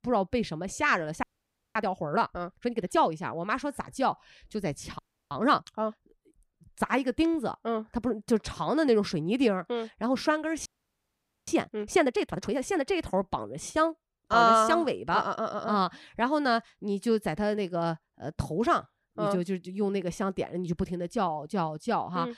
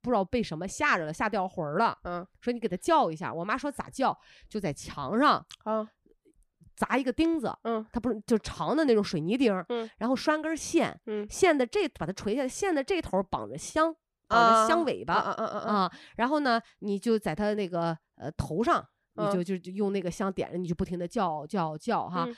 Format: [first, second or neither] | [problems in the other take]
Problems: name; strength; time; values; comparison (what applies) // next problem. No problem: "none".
second | audio freezing; at 1 s for 0.5 s, at 5 s and at 11 s for 1 s